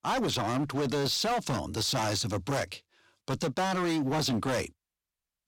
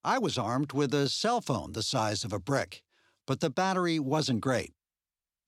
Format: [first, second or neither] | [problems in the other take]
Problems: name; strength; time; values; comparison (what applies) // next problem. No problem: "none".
second | distortion; heavy; 18% of the sound clipped